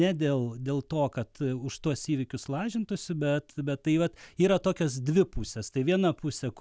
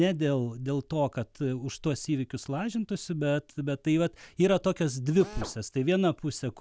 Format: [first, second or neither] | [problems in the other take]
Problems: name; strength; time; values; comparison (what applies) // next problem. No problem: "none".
first | background sound (Drill); 15 dB below the speech